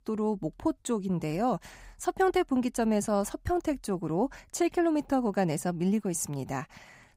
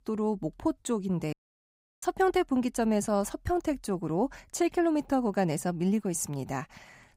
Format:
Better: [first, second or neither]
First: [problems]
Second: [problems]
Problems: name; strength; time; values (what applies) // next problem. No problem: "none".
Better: first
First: none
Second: audio cutting out; at 1.5 s for 0.5 s